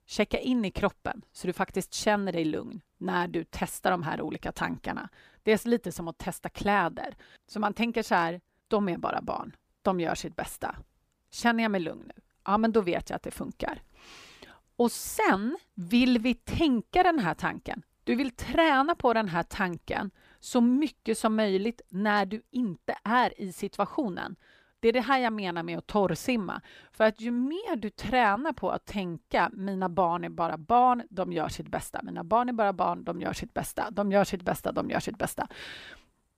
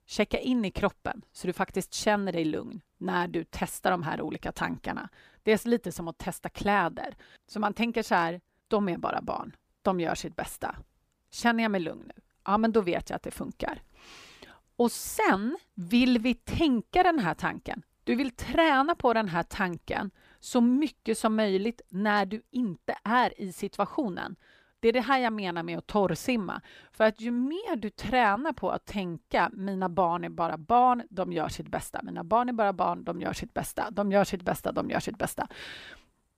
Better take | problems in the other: neither | none

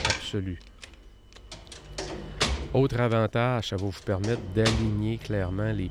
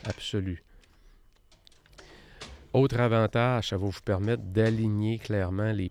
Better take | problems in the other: second | household noises; loud; throughout; 6 dB below the speech; faint in the second

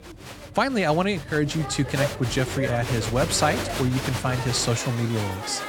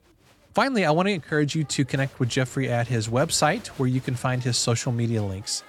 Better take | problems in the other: second | crowd noise; loud; throughout; 6 dB below the speech; faint in the second

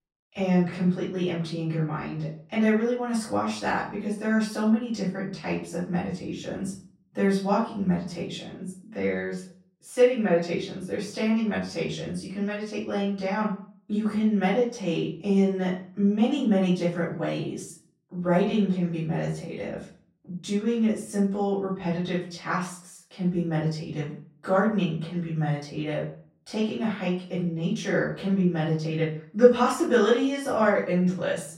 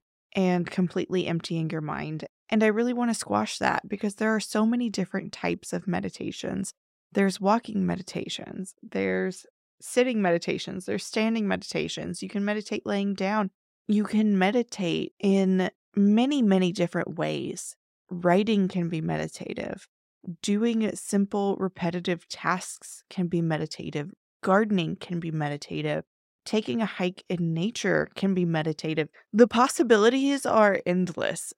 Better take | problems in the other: second | off-mic speech; far // room echo; noticeable; dies away in 0.4 s

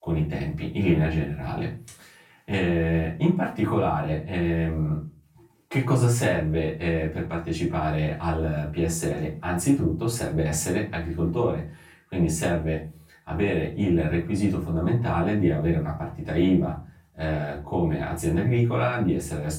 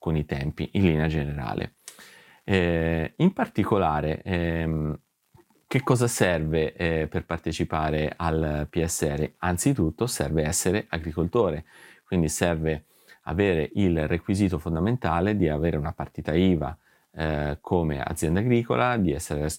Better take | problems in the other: second | off-mic speech; far // room echo; slight; dies away in 0.3 s

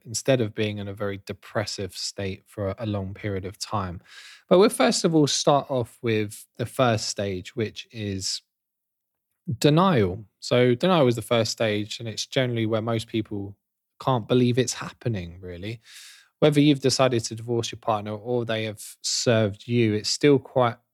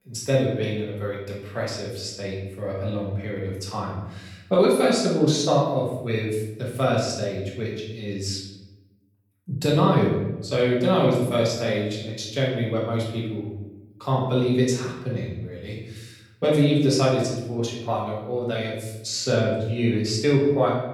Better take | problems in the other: first | room echo; noticeable; dies away in 0.9 s // off-mic speech; far

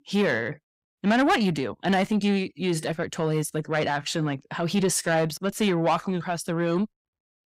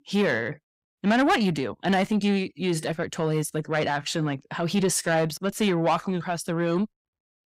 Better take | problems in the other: neither | distortion; slight; 10 dB below the speech; the same in both

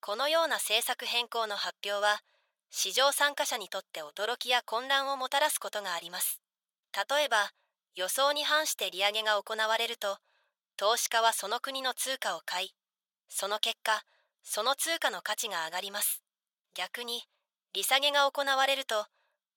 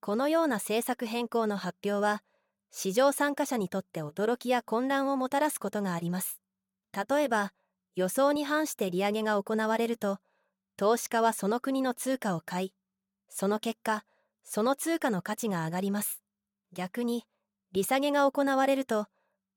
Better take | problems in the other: second | thin; very; fading below 950 Hz

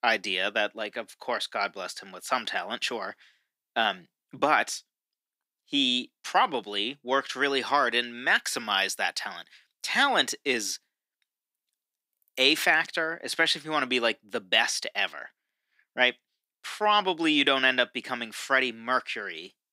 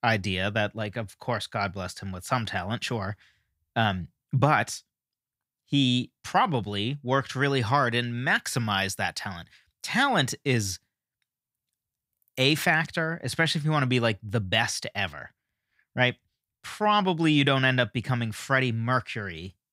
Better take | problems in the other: second | thin; somewhat; fading below 300 Hz

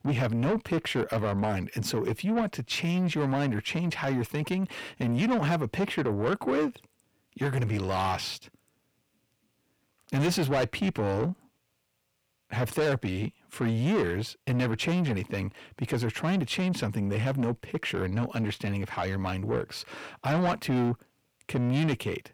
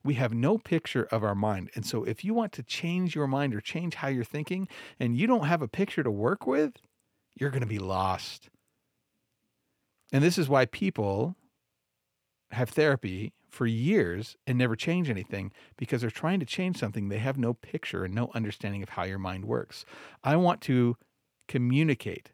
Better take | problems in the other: second | distortion; heavy; 8 dB below the speech

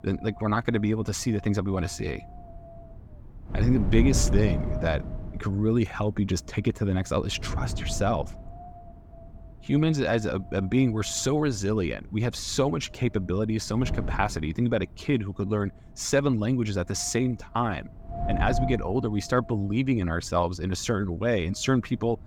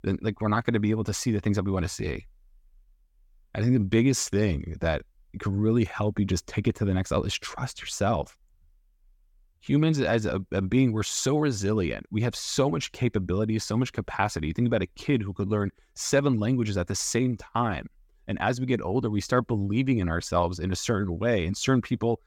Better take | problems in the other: second | wind noise on the microphone; occasional gusts; 10 dB below the speech

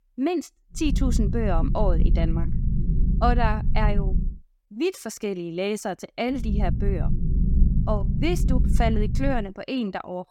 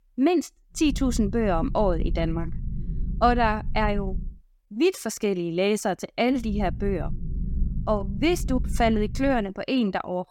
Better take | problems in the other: second | low rumble; loud; from 1 to 4 s and from 6.5 to 9.5 s; 10 dB below the speech; faint in the second

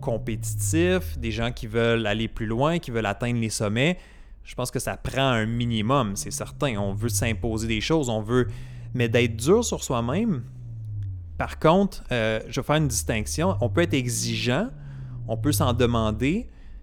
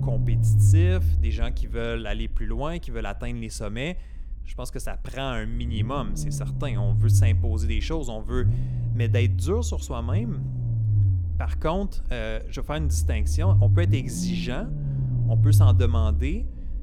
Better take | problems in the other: first | low rumble; loud; throughout; 4 dB below the speech; faint in the first

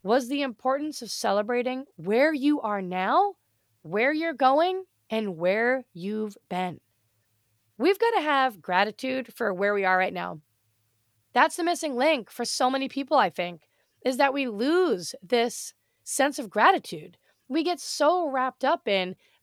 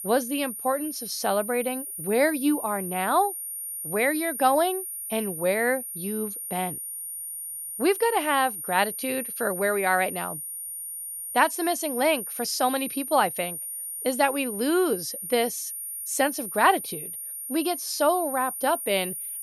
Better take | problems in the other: first | high-pitched whine; loud; throughout; 9.5 kHz, 6 dB below the speech

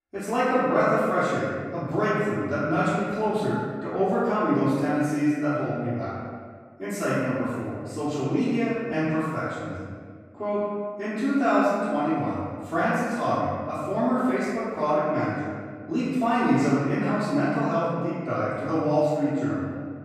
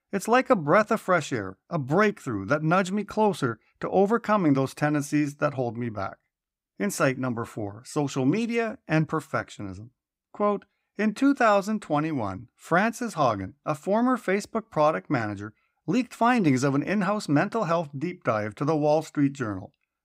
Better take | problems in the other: second | off-mic speech; far // room echo; strong; dies away in 1.6 s

